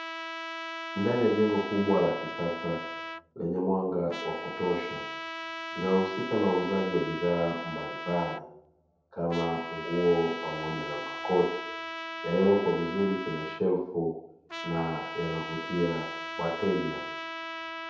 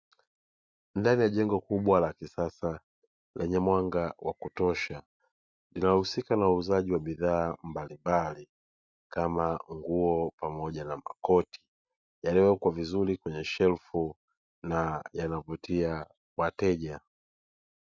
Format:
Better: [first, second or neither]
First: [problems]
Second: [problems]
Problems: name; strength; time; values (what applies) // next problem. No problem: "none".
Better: second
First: background sound (Trumpet); 8 dB below the speech // room echo; dies away in 0.8 s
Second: none